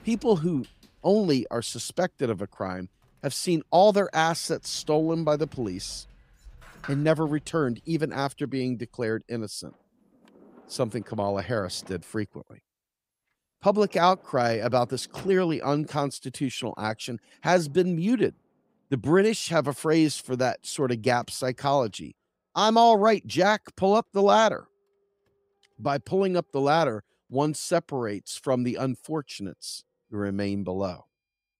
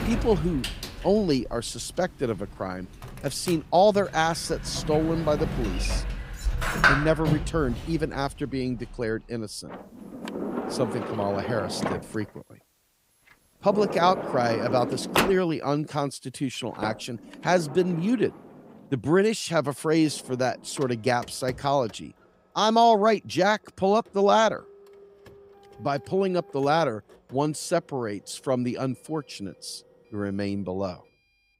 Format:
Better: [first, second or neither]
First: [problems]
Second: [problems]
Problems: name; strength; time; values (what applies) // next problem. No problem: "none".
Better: first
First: household noises; faint; throughout; 25 dB below the speech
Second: household noises; loud; throughout; 5 dB below the speech